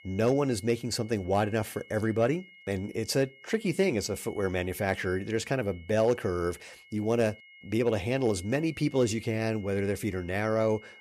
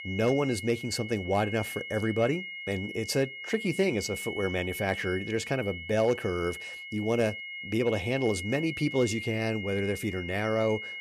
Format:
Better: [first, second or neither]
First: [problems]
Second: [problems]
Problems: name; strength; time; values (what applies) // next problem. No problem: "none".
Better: first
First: high-pitched whine; faint; throughout; 2 kHz, 20 dB below the speech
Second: high-pitched whine; loud; throughout; 2 kHz, 8 dB below the speech